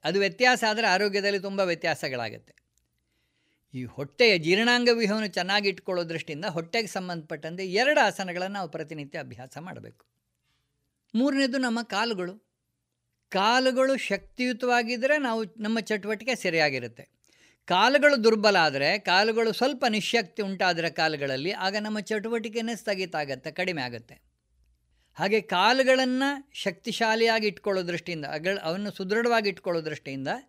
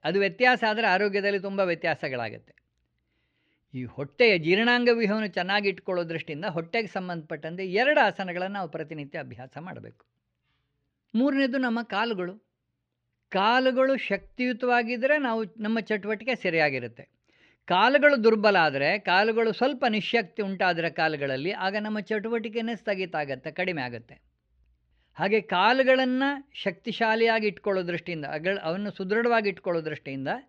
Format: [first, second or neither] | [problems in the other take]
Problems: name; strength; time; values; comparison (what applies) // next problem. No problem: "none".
first | muffled; slightly; fading above 3.5 kHz